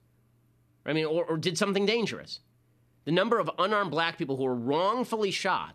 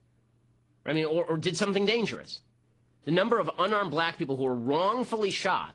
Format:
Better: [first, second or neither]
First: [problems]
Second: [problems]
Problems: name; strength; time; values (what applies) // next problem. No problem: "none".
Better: first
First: none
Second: garbled, watery; slightly